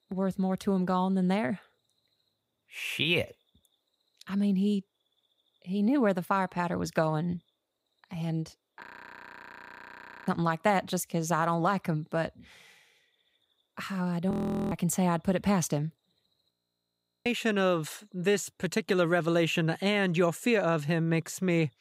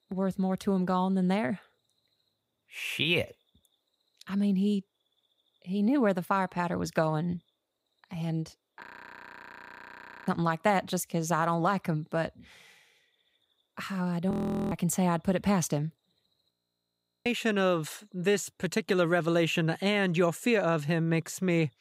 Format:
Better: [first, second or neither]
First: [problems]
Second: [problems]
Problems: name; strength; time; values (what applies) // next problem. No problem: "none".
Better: neither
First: audio freezing; at 9 s for 1.5 s, at 14 s and at 17 s for 1 s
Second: audio freezing; at 9 s for 1.5 s, at 14 s and at 17 s for 1 s